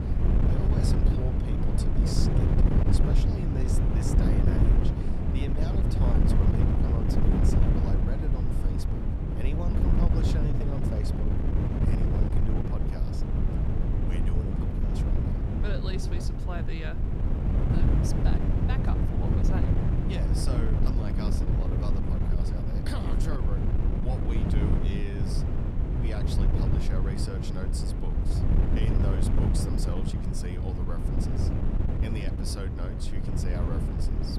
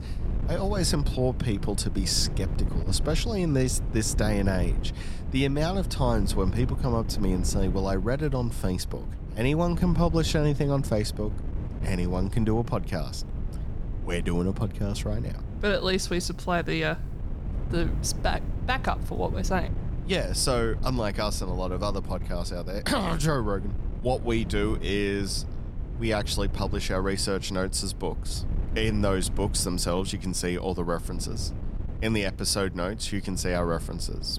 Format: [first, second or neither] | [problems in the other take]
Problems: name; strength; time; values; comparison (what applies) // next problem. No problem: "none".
second | wind noise on the microphone; heavy; 4 dB above the speech; occasional gusts in the second